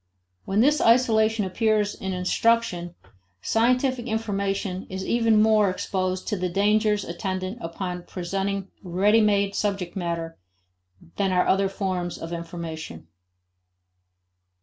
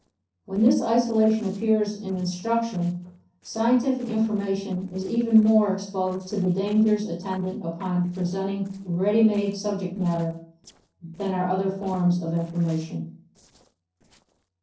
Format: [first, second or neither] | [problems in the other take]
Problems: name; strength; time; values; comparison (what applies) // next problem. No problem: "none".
first | noise reduction (neural separator model SepFormer DNS4)